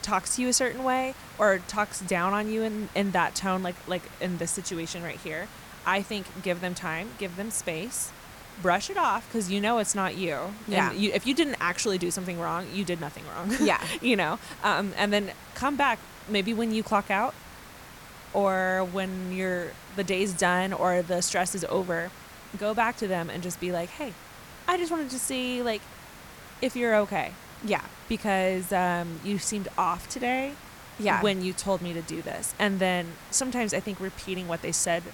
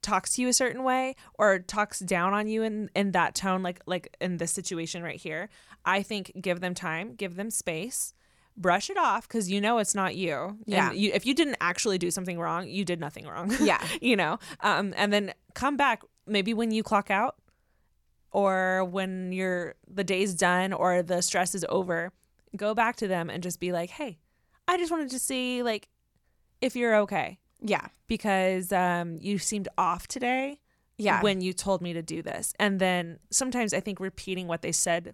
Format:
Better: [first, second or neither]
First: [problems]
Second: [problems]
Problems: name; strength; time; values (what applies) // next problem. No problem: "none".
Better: second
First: hiss; noticeable; throughout; 15 dB below the speech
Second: none